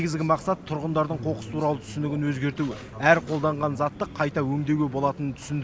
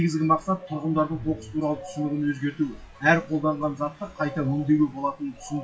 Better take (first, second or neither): first